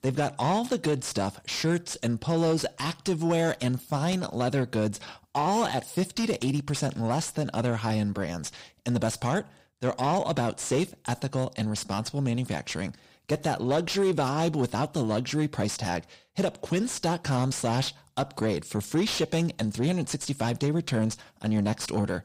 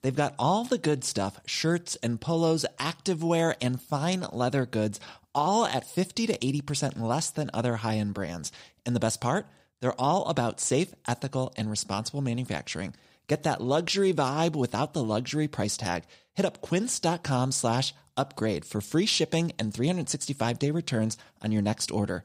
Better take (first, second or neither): second